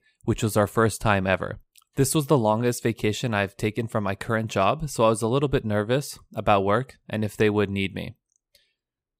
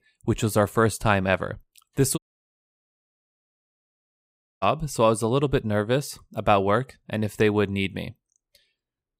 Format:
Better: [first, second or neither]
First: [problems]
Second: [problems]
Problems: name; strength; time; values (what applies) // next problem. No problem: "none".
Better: first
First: none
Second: audio cutting out; at 2 s for 2.5 s